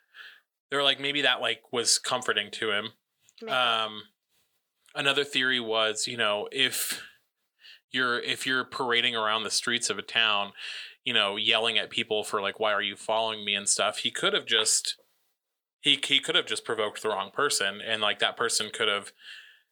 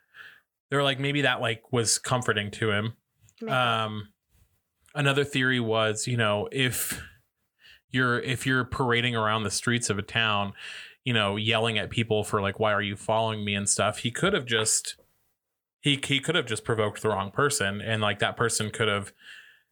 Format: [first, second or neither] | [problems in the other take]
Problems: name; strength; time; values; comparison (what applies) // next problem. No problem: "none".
second | thin; somewhat; fading below 350 Hz